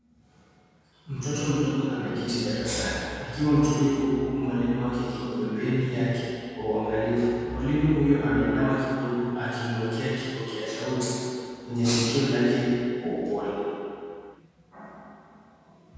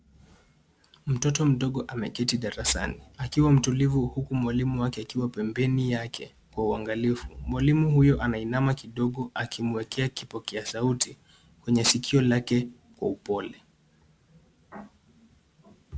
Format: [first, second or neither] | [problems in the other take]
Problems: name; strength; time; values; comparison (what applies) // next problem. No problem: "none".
second | background sound (Organ); 20 dB below the speech // room echo; dies away in 2.2 s